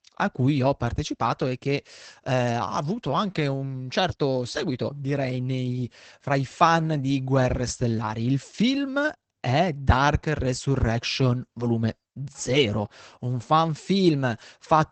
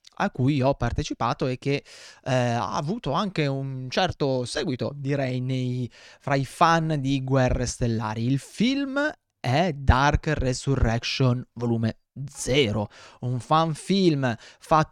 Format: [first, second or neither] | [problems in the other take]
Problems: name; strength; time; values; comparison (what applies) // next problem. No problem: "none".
second | garbled, watery; badly; nothing above 8 kHz